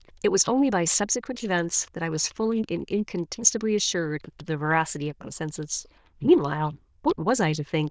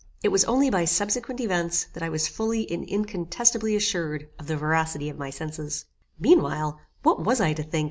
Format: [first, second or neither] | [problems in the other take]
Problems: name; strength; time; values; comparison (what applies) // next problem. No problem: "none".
second | noise reduction (neural diffusion model UNIVERSE++)